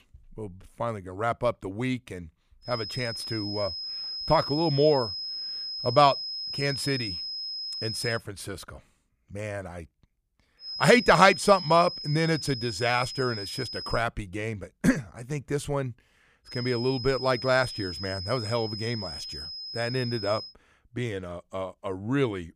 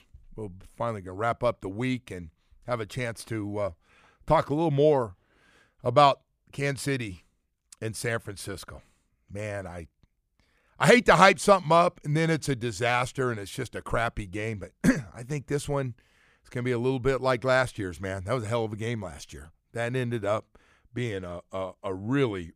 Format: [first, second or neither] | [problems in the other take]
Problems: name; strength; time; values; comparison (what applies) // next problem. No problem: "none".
second | high-pitched whine; loud; from 2.5 to 8 s, from 11 to 14 s and from 17 to 20 s; 5 kHz, 7 dB below the speech